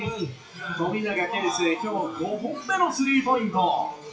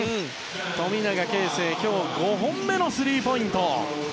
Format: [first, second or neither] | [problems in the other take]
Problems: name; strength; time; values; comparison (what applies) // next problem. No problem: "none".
second | noise reduction (classical method WPE with log-MMSE)